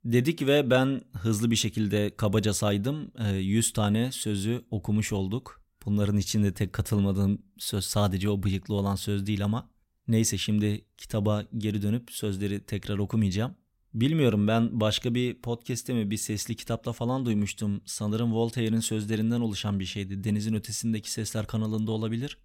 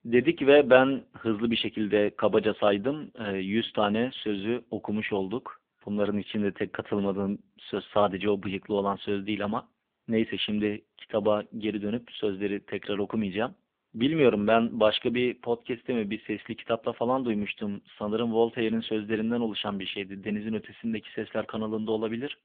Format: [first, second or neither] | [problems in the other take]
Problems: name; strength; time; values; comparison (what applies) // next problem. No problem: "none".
first | phone-call audio; poor line; nothing above 3.5 kHz